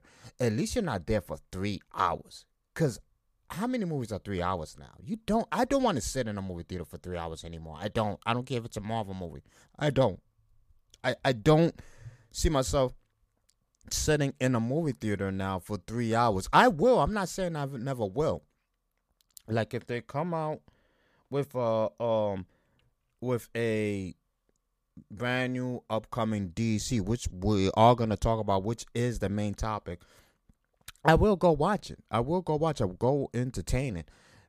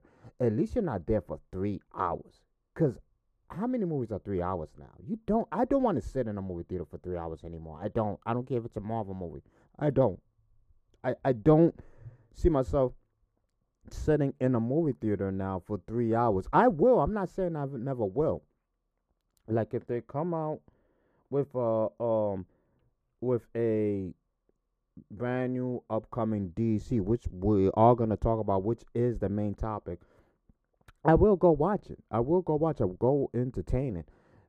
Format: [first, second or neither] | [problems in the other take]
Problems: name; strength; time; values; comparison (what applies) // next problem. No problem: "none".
first | muffled; very; fading above 2 kHz